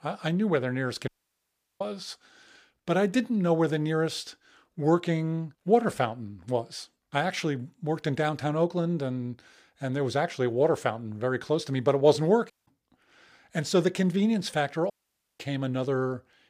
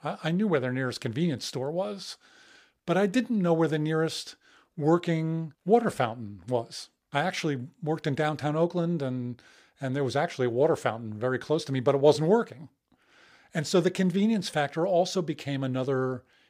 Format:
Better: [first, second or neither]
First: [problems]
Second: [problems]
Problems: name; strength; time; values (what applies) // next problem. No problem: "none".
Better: second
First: audio cutting out; at 1 s for 0.5 s, at 13 s and at 15 s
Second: none